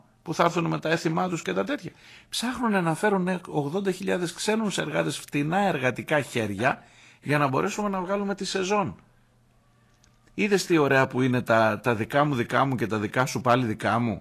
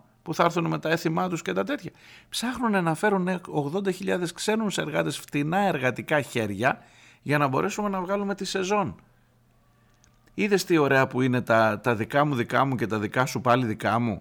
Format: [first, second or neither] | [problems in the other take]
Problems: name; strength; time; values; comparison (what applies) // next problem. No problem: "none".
second | garbled, watery; slightly; nothing above 12.5 kHz